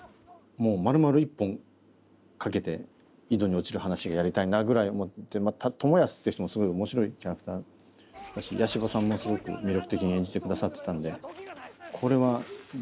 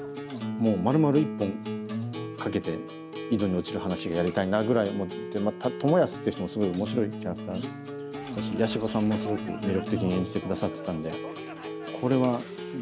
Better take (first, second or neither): first